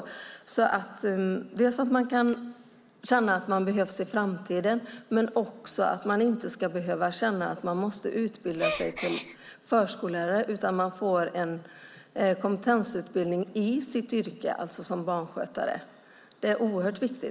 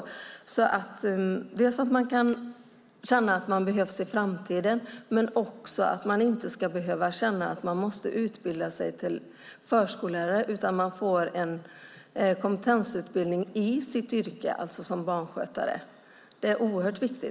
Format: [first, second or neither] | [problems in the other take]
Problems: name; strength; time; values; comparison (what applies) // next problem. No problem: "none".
second | background sound (Gasp); 6 dB below the speech